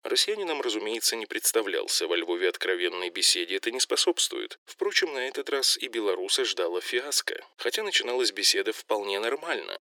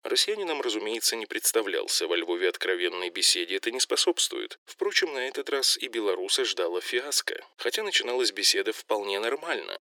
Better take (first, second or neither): neither